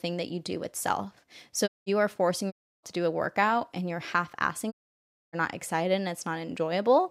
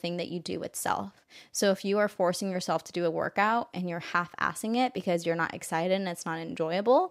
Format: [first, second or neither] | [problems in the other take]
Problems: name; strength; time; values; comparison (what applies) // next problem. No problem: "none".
second | audio cutting out; at 1.5 s, at 2.5 s and at 4.5 s for 0.5 s